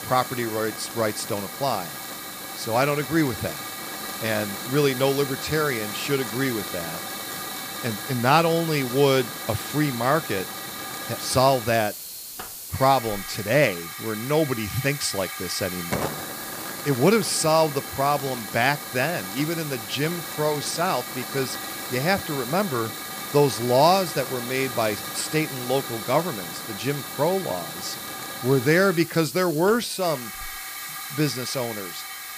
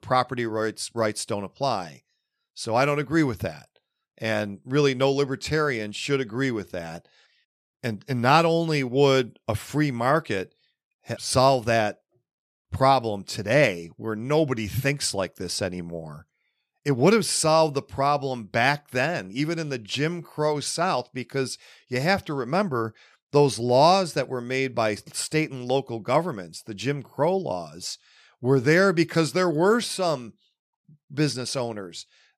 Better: second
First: hiss; loud; throughout; 7 dB below the speech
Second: none

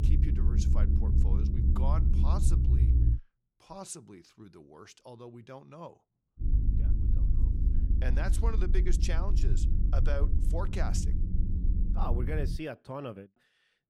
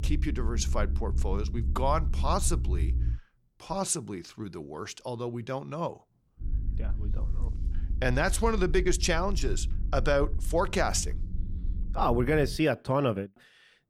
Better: second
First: low rumble; loud; until 3 s and from 6.5 to 13 s; 4 dB below the speech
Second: low rumble; faint; until 3 s and from 6.5 to 13 s; 20 dB below the speech

